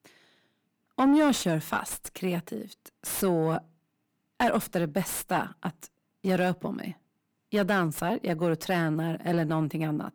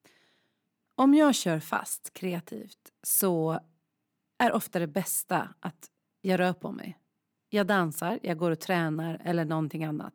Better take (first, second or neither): second